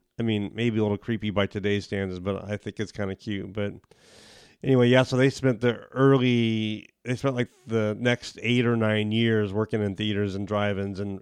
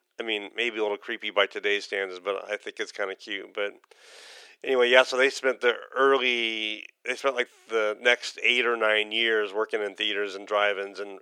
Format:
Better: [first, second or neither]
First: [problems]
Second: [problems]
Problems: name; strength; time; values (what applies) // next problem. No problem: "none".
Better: first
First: none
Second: thin; very; fading below 400 Hz